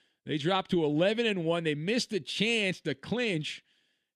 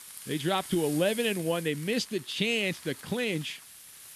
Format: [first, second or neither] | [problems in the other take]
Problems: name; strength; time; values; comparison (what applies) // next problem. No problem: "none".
first | hiss; noticeable; throughout; 15 dB below the speech